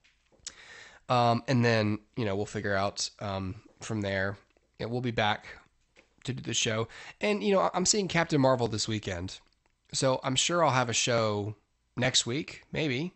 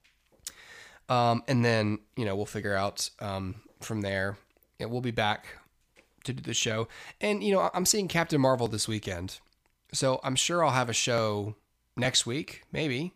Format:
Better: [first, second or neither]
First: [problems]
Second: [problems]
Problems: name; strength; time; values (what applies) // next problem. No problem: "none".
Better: second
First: garbled, watery; slightly; nothing above 8 kHz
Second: none